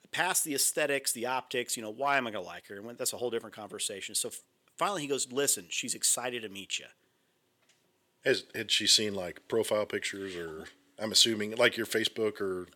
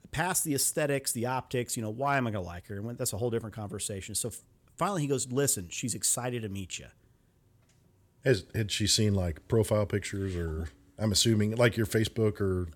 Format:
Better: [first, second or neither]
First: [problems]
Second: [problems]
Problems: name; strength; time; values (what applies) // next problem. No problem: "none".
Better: second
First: thin; somewhat; fading below 300 Hz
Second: none